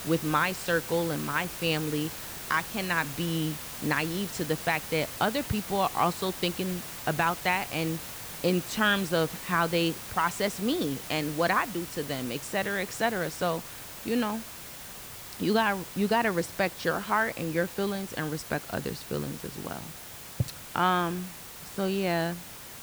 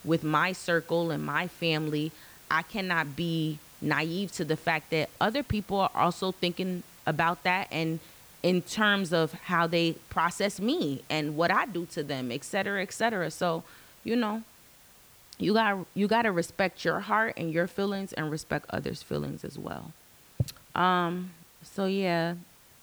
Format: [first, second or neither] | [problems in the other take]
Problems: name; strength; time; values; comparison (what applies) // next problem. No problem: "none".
second | hiss; loud; throughout; 9 dB below the speech; faint in the second